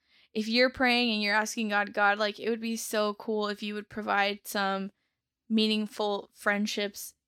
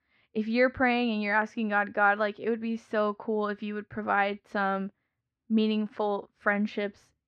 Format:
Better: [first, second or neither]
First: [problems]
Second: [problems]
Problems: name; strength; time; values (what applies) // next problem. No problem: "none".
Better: first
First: none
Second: muffled; very; fading above 1.5 kHz